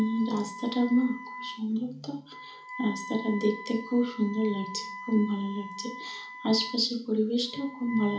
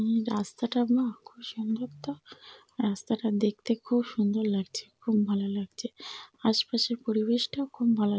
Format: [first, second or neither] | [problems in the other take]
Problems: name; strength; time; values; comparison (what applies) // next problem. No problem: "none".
second | background sound (Wind instrument, woodwind instrument); 13 dB below the speech // room echo; dies away in 0.4 s